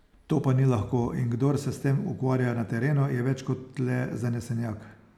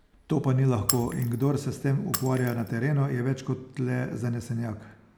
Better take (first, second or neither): first